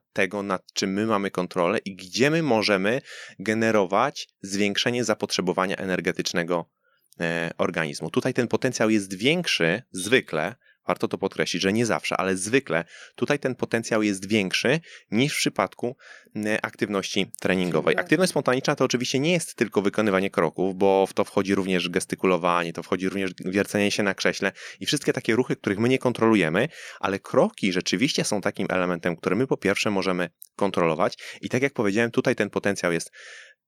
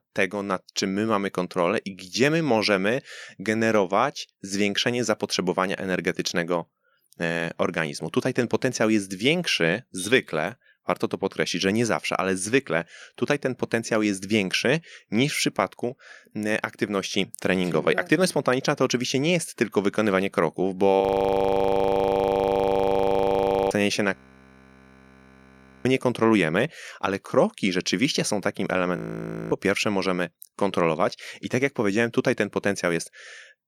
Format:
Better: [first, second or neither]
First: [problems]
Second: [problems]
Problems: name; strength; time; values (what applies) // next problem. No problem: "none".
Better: first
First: none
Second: audio freezing; at 21 s for 2.5 s, at 24 s for 1.5 s and at 29 s for 0.5 s